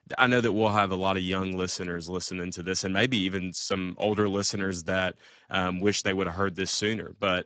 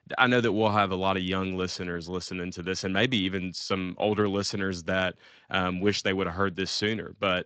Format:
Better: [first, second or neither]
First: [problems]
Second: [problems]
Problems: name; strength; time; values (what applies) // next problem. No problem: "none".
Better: second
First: garbled, watery; badly; nothing above 7.5 kHz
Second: garbled, watery; slightly; nothing above 8 kHz